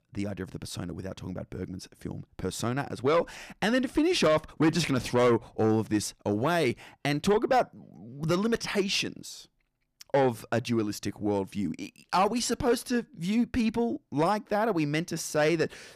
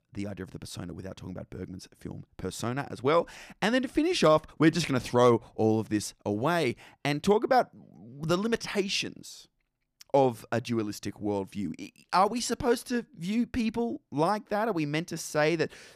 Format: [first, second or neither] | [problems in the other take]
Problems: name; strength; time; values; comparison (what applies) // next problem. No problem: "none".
second | distortion; slight; 10 dB below the speech